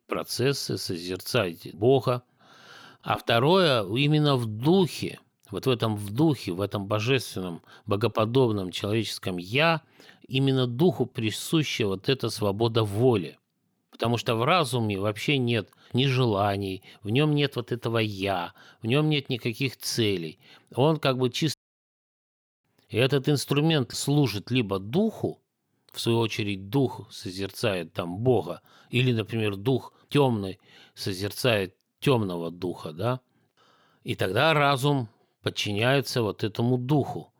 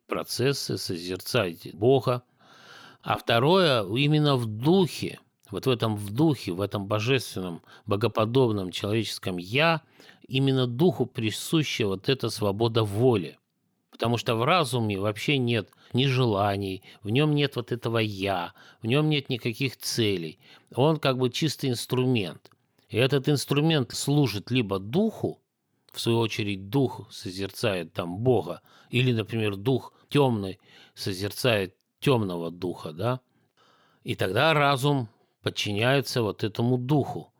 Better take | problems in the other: second | audio cutting out; at 22 s for 1 s

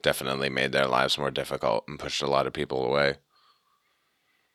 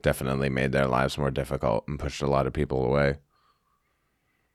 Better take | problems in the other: second | thin; somewhat; fading below 1 kHz

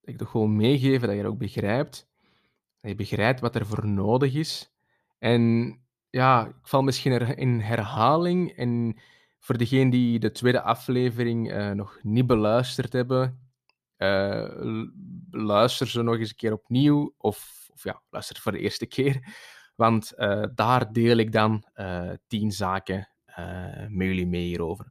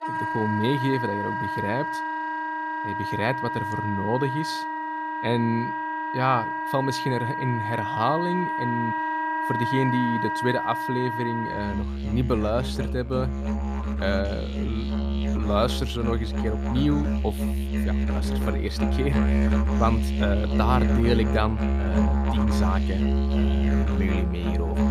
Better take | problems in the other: first | background music; very loud; throughout; 1 dB above the speech

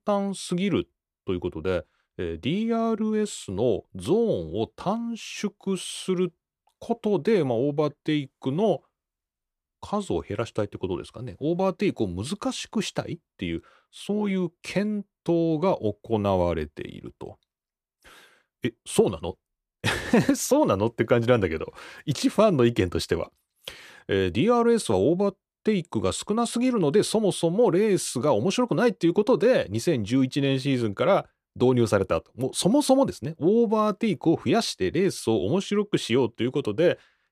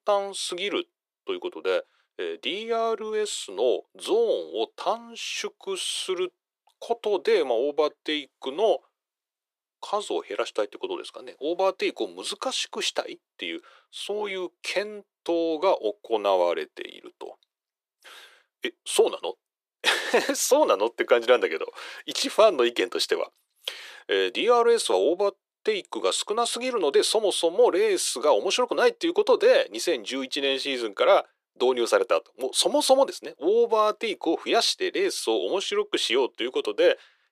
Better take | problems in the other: first | thin; very; fading below 400 Hz

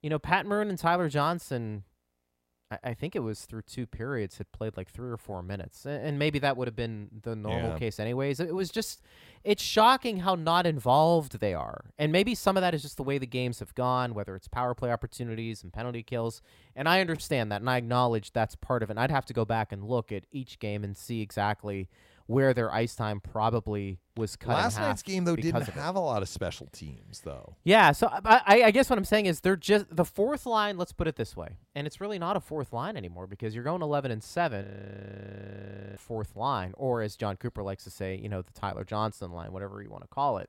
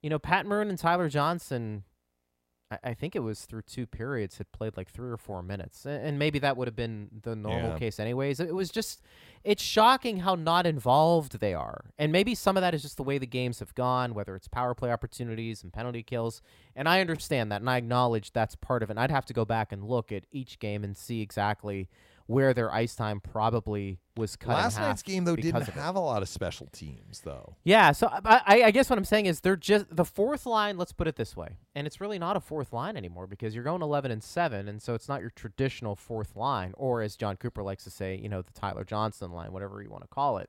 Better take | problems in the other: second | audio freezing; at 35 s for 1.5 s

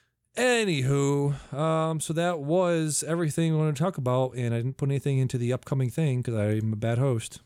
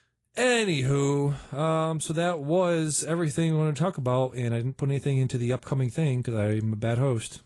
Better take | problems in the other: first | garbled, watery; slightly; nothing above 10.5 kHz

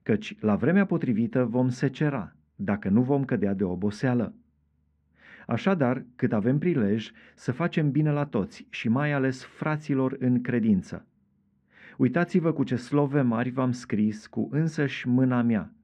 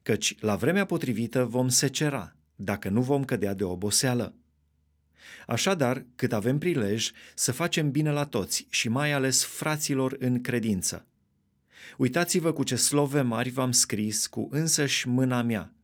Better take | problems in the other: second | muffled; very; fading above 1.5 kHz

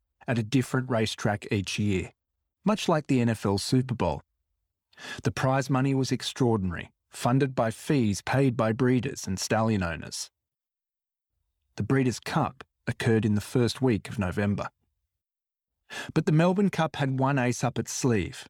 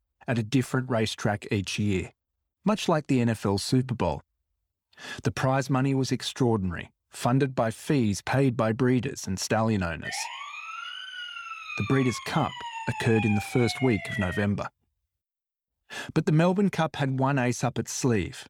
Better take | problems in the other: first | siren; noticeable; from 10 to 14 s; peak 6 dB below the speech

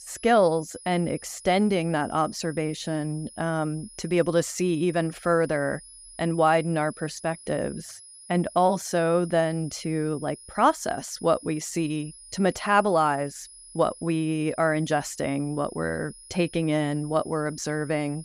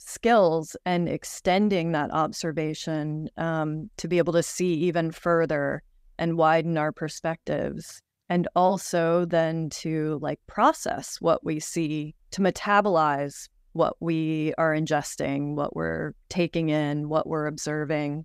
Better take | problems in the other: second | high-pitched whine; noticeable; throughout; 10.5 kHz, 20 dB below the speech

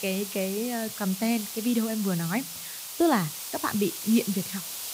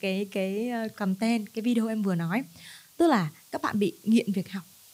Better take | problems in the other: second | hiss; loud; throughout; 6 dB below the speech; faint in the second

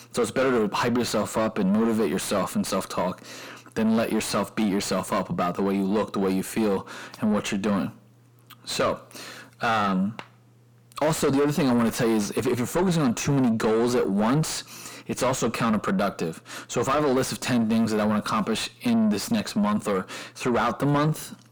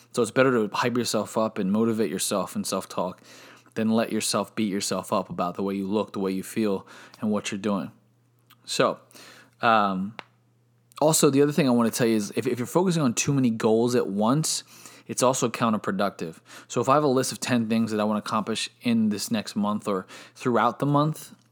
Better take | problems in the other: second | distortion; heavy; 6 dB below the speech

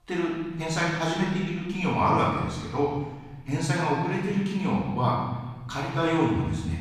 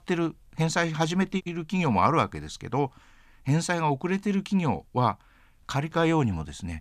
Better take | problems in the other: second | off-mic speech; far // room echo; noticeable; dies away in 1.4 s

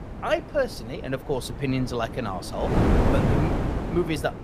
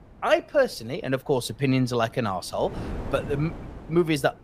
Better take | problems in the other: second | wind noise on the microphone; heavy; as loud as the speech; occasional gusts in the second

